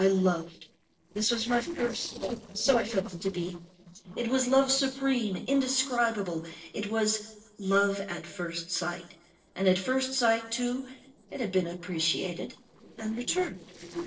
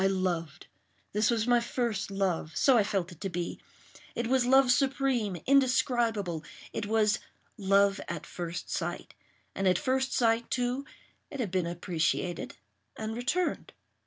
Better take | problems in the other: second | noise reduction (neural separator model SepFormer DNS4)

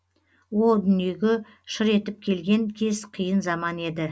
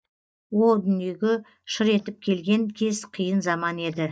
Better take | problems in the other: first | noise reduction (neural mask model DeepFilterNet 3)

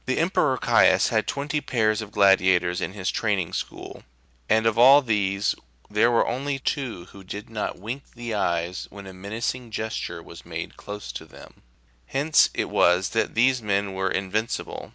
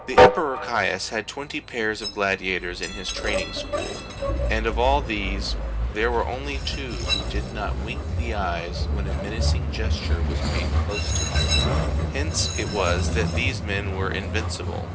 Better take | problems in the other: first | background sound (Train); 4 dB above the speech // room echo; dies away in 0.3 s

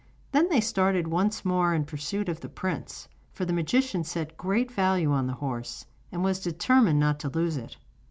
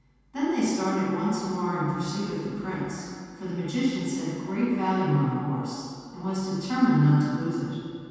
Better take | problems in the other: first | room echo; dies away in 2.1 s

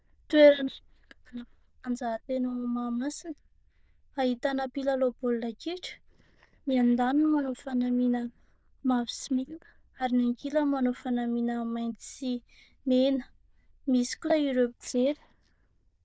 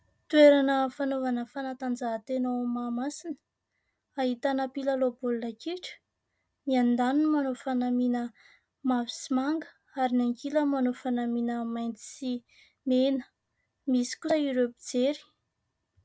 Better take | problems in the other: second | noise reduction (neural diffusion model UNIVERSE++)

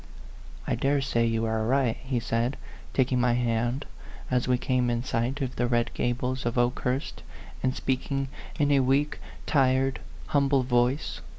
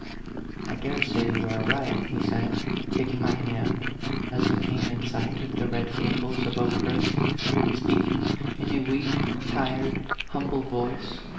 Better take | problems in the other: first | background sound (Purr); 2 dB above the speech // room echo; dies away in 0.8 s

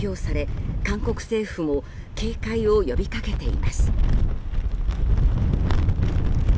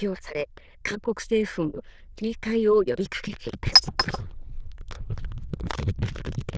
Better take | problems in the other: first | noise reduction (neural diffusion model UNIVERSE++)

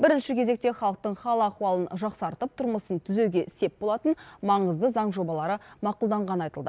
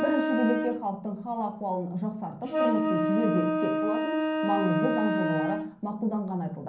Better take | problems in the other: first | background sound (Wind instrument, woodwind instrument); as loud as the speech // room echo; dies away in 0.6 s

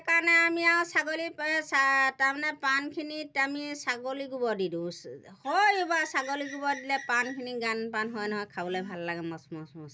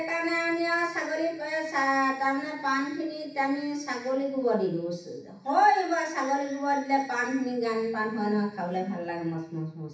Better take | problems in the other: first | room echo; dies away in 0.7 s

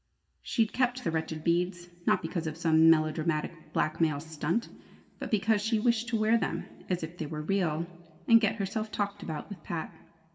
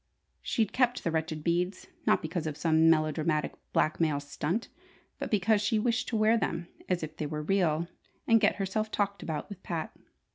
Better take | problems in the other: second | room echo; dies away in 1.3 s

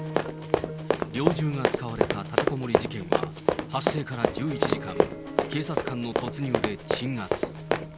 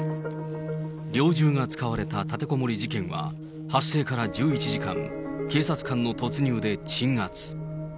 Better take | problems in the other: second | background sound (Run); 4 dB above the speech

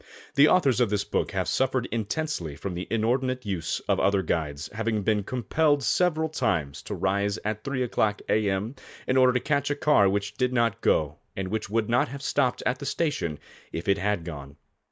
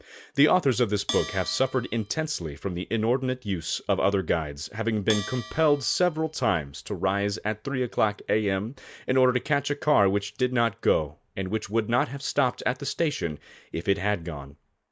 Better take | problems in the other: first | background sound (Bell); 15 dB below the speech

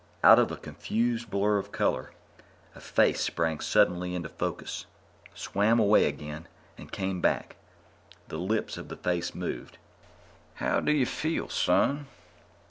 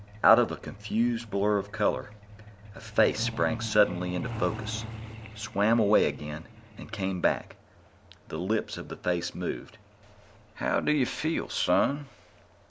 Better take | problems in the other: first | background sound (Truck); 14 dB below the speech

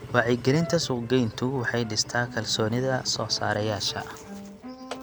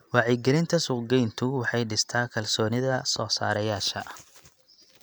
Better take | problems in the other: second | background sound (Engine); 13 dB below the speech

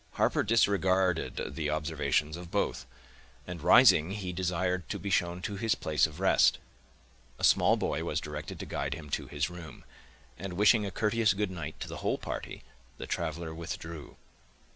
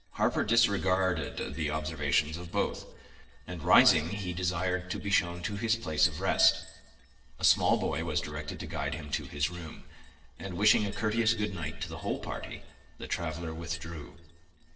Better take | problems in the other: first | noise reduction (neural separator model SepFormer DNS4)

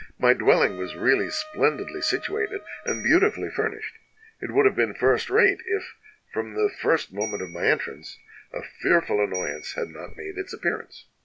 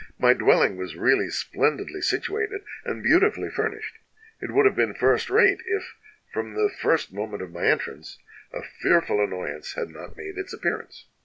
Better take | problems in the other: second | background sound (Bell + Wind instrument, woodwind instrument); 16 dB below the speech

